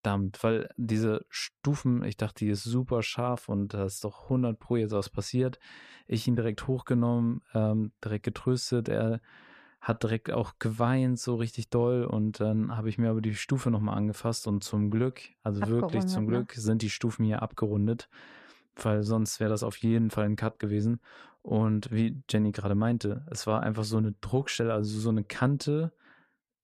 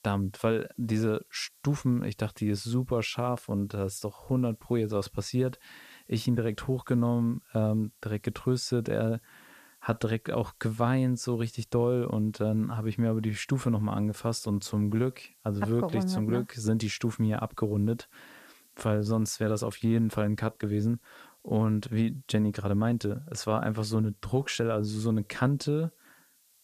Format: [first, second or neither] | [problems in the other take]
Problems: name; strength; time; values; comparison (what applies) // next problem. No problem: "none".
first | hiss; faint; throughout; 30 dB below the speech